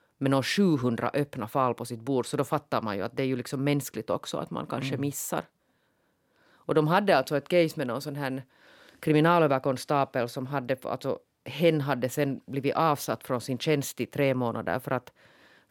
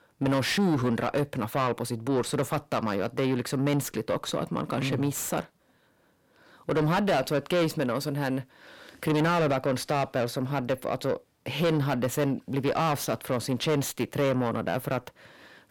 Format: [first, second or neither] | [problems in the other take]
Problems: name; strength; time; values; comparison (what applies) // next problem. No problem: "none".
first | distortion; heavy; 7 dB below the speech